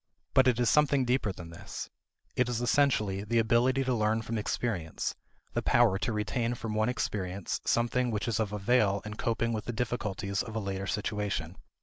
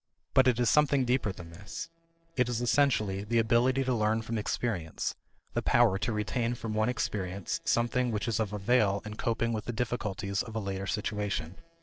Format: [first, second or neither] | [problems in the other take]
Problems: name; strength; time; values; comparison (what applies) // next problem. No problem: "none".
first | noise reduction (neural separator model SepFormer DNS4)